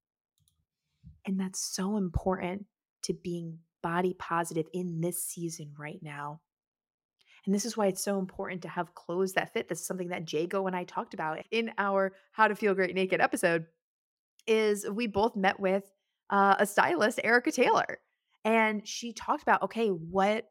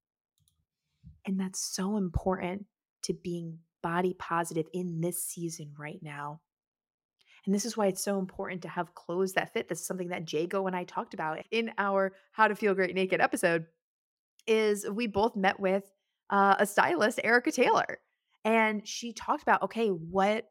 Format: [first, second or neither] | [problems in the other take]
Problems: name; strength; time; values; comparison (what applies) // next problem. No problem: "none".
neither | none